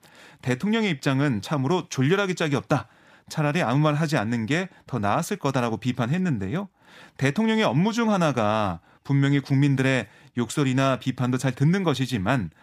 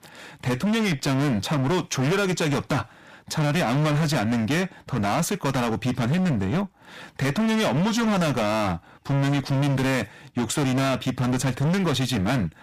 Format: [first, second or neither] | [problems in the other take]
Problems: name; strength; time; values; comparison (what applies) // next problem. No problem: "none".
first | distortion; heavy; 30% of the sound clipped